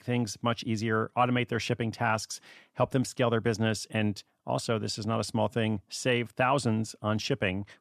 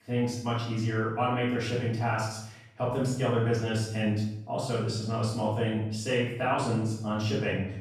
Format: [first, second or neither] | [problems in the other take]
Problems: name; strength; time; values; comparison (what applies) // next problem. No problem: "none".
first | off-mic speech; far // room echo; noticeable; dies away in 0.7 s